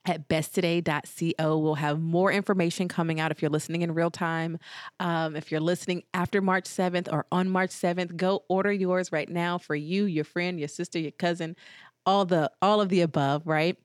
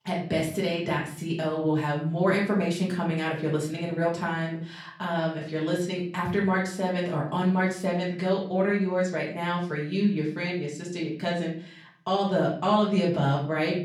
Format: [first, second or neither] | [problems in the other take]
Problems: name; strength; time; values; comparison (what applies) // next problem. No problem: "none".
first | off-mic speech; far // room echo; slight; dies away in 0.5 s